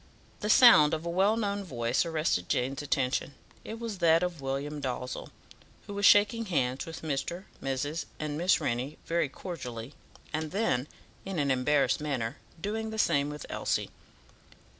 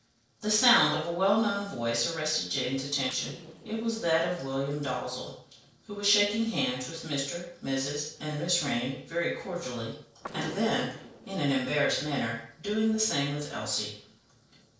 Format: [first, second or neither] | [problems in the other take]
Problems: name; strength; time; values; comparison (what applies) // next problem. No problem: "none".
first | noise reduction (neural separator model SepFormer DNS4)